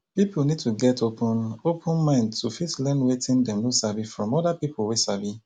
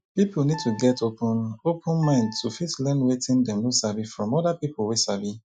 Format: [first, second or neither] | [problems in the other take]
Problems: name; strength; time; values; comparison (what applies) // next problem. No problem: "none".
first | noise reduction (classical method Wiener filter)